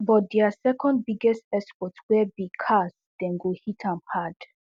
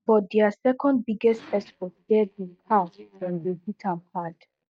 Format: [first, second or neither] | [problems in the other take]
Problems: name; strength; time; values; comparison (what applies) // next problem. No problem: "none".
first | noise reduction (neural mask model DeepFilterNet 3)